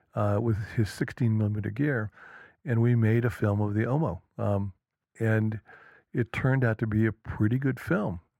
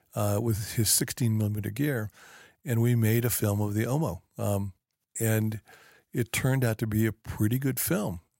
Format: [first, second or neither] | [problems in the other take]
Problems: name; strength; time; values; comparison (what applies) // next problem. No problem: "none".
second | muffled; very; fading above 4 kHz